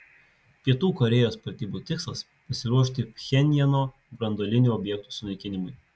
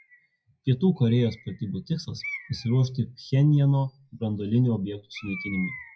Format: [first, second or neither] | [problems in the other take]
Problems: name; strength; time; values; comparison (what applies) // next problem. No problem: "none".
first | noise reduction (classical method WPE with log-MMSE)